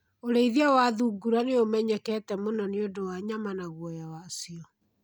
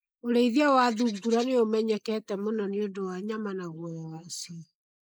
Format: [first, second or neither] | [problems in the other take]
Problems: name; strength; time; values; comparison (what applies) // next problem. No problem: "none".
first | noise reduction (neural mask model Resemble Enhance denoiser)